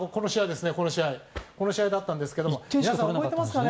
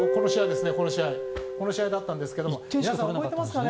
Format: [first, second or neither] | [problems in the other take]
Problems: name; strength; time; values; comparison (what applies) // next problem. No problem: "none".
first | background sound (Guitar); 2 dB below the speech